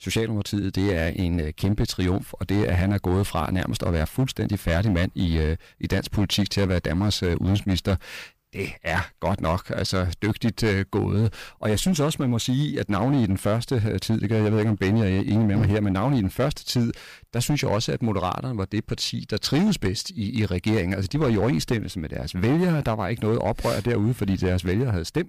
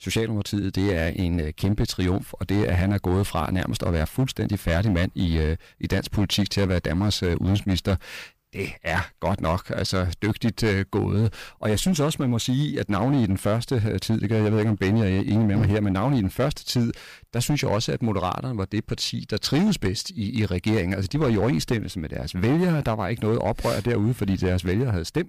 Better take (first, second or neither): neither